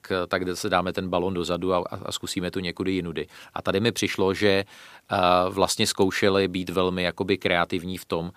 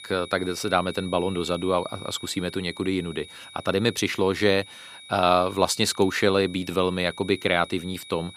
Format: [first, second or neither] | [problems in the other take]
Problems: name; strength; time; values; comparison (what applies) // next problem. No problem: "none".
first | high-pitched whine; noticeable; throughout; 4 kHz, 15 dB below the speech